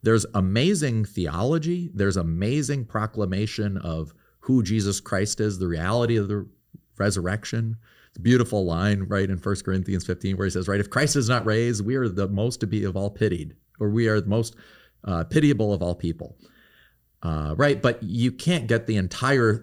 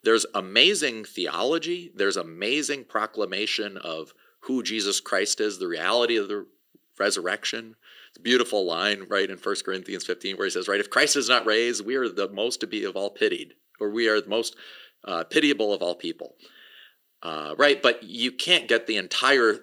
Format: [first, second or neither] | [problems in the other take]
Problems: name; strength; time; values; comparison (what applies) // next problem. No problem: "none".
first | thin; somewhat; fading below 300 Hz